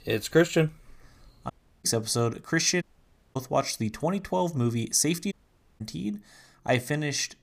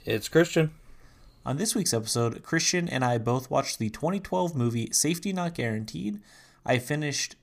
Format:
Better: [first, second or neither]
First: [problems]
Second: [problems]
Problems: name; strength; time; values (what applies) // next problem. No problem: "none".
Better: second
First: audio cutting out; at 1.5 s, at 3 s for 0.5 s and at 5.5 s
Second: none